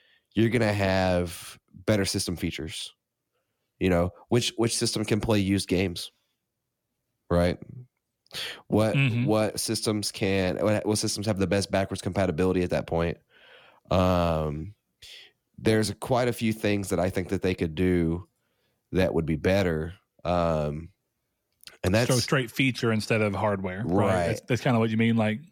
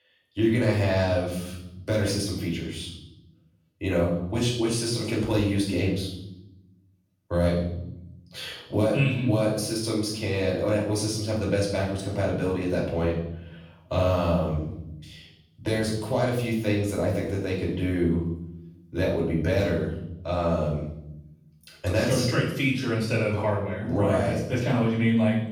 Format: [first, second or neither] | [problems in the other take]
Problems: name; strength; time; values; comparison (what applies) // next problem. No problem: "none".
first | off-mic speech; far // room echo; noticeable; dies away in 0.8 s